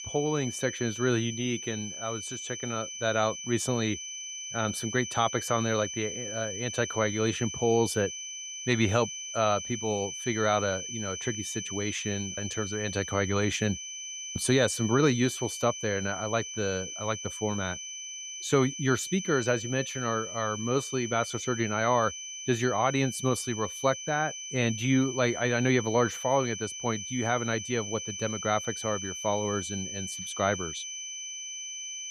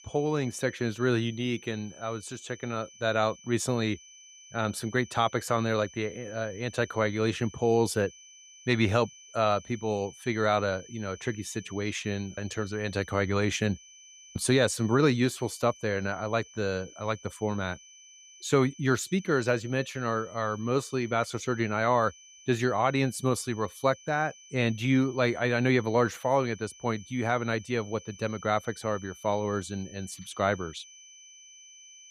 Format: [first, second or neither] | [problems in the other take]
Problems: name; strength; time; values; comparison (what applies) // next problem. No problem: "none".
second | high-pitched whine; loud; throughout; 6 kHz, 6 dB below the speech; faint in the second